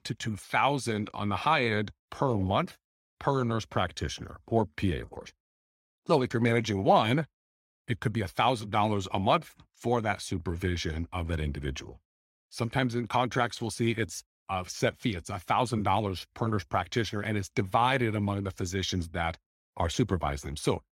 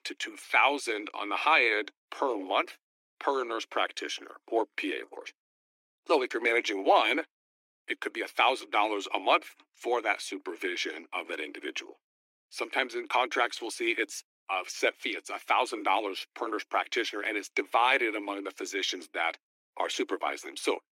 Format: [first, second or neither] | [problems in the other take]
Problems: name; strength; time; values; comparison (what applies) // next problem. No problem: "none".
first | thin; very; fading below 300 Hz